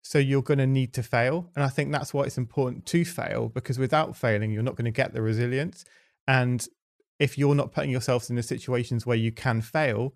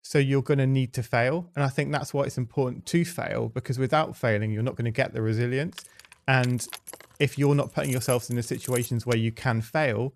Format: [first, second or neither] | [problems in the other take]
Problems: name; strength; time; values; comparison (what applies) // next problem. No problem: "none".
first | jangling keys; noticeable; from 6 to 9 s; peak 8 dB below the speech